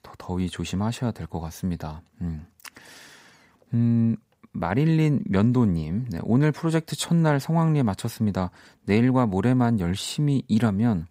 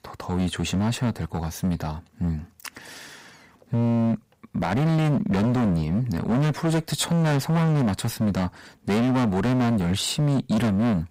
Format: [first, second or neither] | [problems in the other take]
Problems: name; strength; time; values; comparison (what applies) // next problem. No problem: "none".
first | distortion; heavy; 23% of the sound clipped